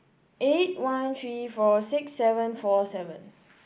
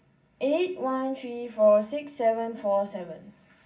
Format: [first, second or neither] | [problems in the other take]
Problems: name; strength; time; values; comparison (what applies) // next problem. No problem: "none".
first | room echo; dies away in 0.4 s